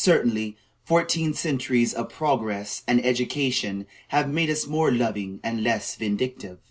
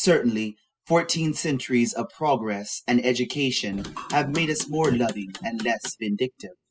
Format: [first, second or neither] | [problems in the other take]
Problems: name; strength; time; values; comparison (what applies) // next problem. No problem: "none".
first | noise reduction (classical method spectral subtraction)